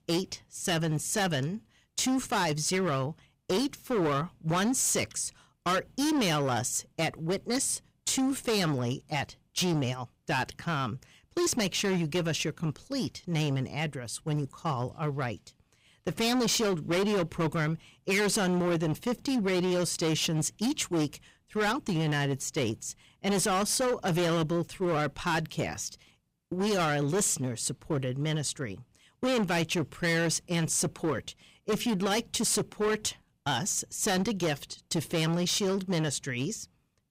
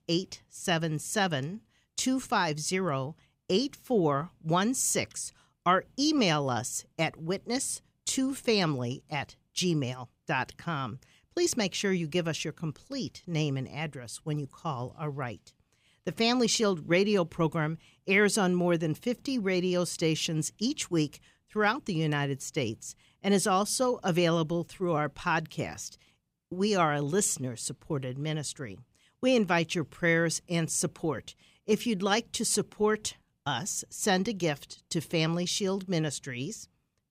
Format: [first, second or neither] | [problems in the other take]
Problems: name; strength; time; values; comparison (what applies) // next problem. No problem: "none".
second | distortion; heavy; 16% of the sound clipped